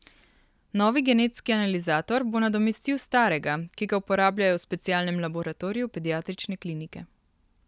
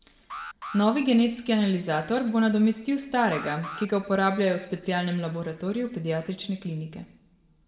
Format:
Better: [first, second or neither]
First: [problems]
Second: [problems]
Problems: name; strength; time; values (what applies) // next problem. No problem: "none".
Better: first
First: none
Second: background sound (Alarm); 16 dB below the speech // room echo; dies away in 0.9 s